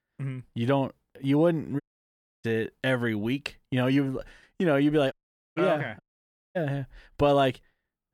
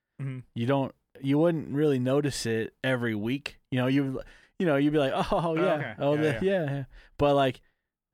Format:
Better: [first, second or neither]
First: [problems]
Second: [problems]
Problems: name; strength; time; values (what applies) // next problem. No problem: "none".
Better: second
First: audio cutting out; at 2 s for 0.5 s, at 5 s and at 6 s for 0.5 s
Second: none